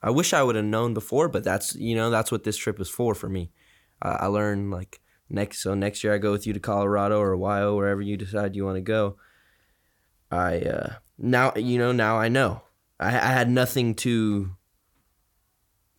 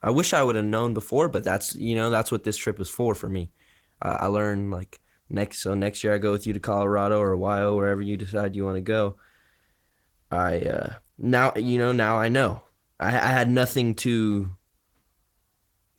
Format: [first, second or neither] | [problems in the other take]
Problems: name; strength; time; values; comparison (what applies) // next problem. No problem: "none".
first | garbled, watery; slightly; nothing above 18 kHz